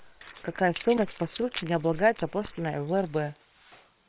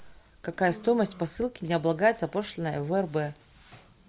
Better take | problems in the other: second | noise reduction (neural separator model SepFormer WHAM!)

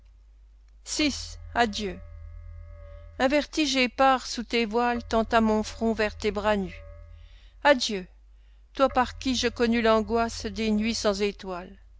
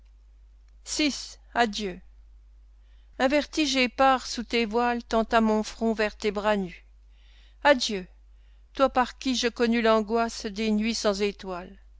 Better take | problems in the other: second | background sound (Keyboard (musical)); 18 dB below the speech

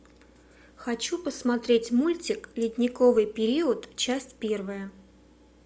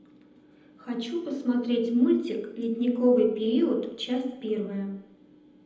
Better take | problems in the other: first | room echo; dies away in 0.8 s

